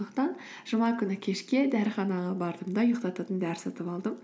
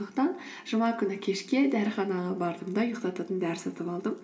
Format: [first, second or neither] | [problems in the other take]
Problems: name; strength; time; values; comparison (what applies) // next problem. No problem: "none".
first | room echo; dies away in 2.7 s